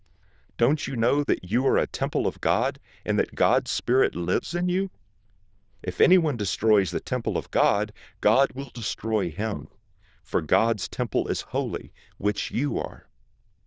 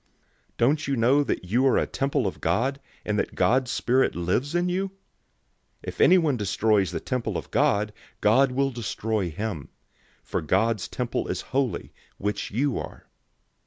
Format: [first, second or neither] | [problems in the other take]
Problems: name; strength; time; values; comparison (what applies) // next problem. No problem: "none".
second | noise reduction (neural diffusion model UNIVERSE++)